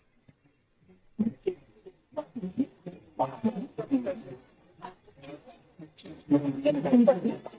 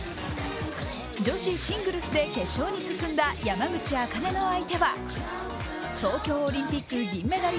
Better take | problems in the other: second | noise reduction (neural mask model DeepFilterNet 3)

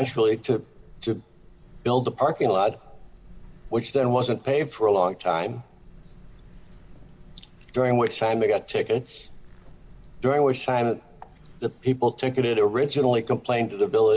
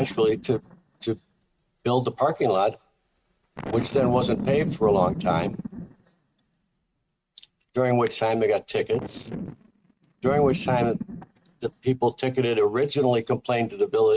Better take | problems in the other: first | noise reduction (neural mask model RNNoise)

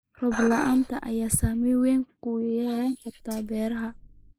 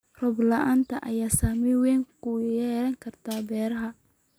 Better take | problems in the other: second | noise reduction (neural mask model Resemble Enhance denoiser)

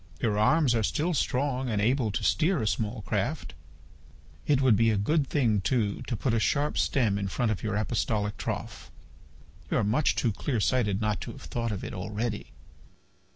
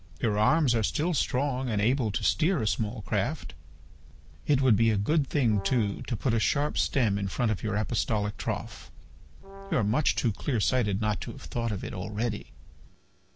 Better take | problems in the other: first | background sound (Brass instrument); 19 dB below the speech

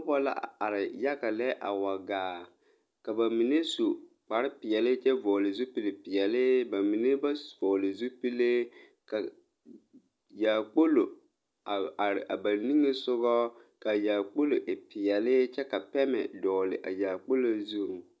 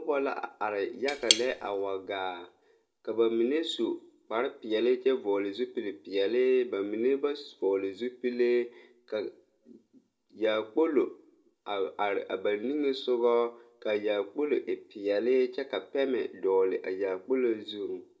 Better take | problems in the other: first | background sound (Cutlery, silverware / Tap); 1 dB below the speech // room echo; dies away in 0.3 s

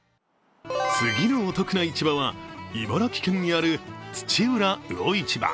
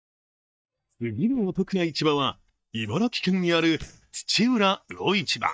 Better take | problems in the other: first | noise reduction (neural mask model DeepFilterNet 3)

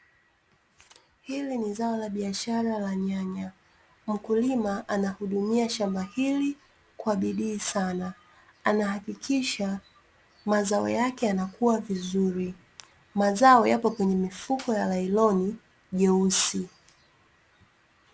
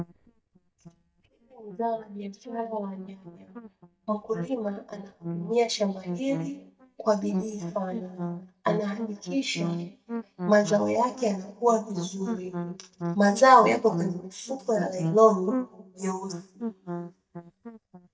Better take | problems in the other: first | noise reduction (neural mask model DeepFilterNet 3)

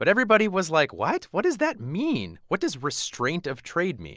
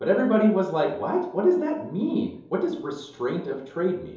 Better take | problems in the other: first | room echo; dies away in 2.8 s

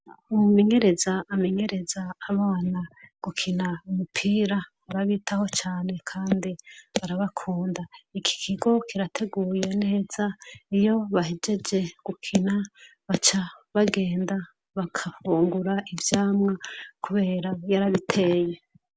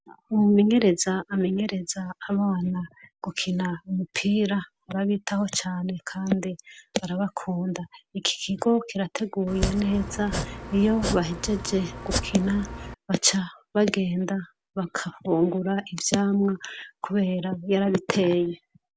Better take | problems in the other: first | background sound (Domestic sounds, home sounds); 6 dB below the speech

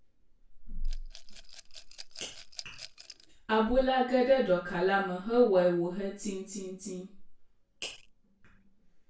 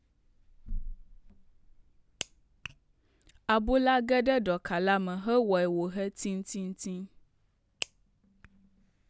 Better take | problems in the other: second | background sound (Rattle / Glass); 20 dB below the speech // room echo; dies away in 0.3 s

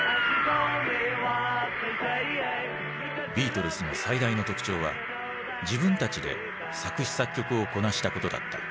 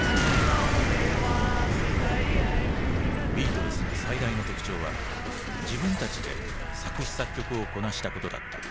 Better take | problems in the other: first | background sound (Boom); 4 dB above the speech

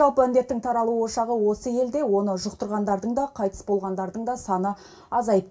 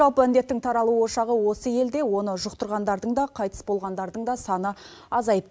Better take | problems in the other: second | room echo; dies away in 0.2 s

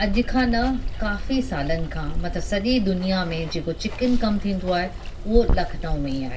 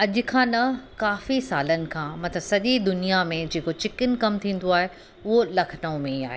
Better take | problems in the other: second | background sound (Water); 2 dB below the speech // room echo; dies away in 0.2 s

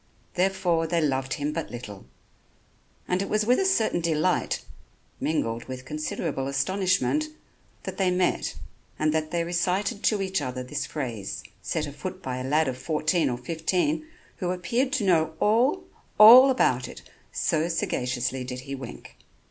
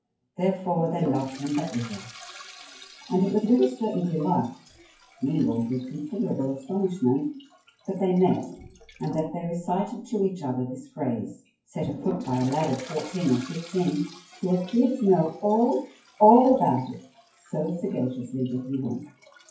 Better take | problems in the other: first | noise reduction (classical method WPE with log-MMSE)

